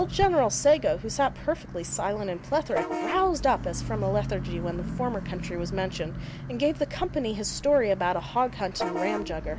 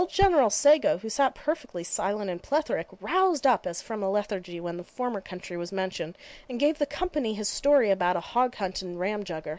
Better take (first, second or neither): second